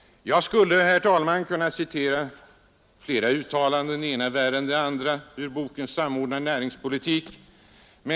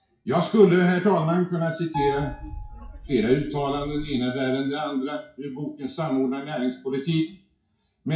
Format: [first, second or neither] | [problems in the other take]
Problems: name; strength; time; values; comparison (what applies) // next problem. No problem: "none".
first | noise reduction (classical method WPE with log-MMSE)